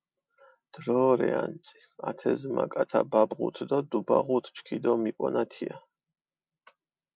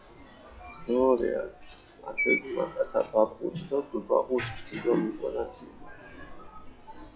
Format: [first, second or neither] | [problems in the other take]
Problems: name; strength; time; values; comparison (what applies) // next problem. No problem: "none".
first | noise reduction (classical method log-MMSE)